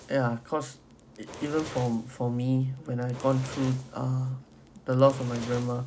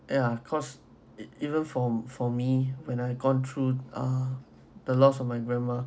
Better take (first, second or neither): second